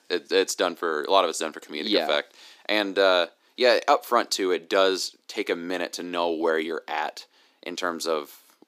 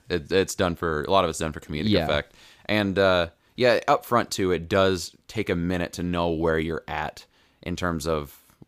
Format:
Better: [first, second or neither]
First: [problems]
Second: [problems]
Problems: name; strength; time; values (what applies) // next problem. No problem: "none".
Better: second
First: thin; somewhat; fading below 300 Hz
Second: none